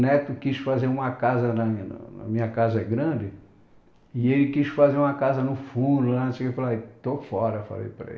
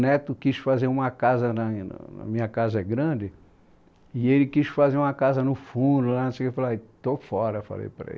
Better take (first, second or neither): second